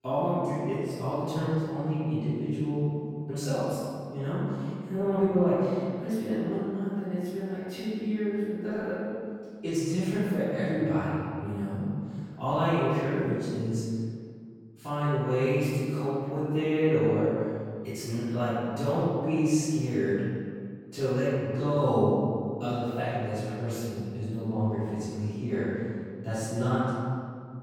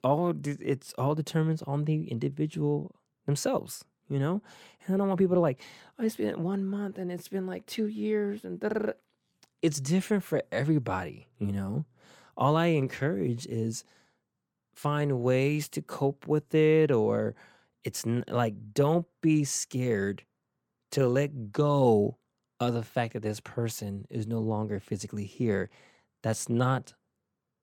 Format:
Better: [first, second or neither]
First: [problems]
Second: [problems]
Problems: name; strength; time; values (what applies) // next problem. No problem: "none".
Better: second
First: room echo; strong; dies away in 1.9 s // off-mic speech; far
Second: none